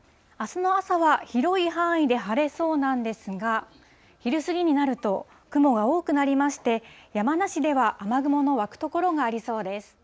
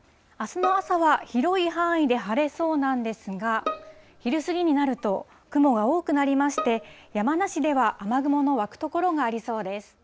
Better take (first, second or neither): first